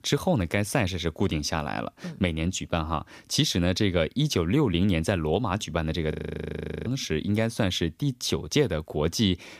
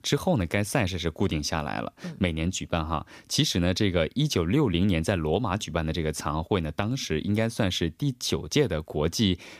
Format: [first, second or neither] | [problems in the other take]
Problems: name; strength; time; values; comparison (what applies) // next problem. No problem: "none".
second | audio freezing; at 6 s for 0.5 s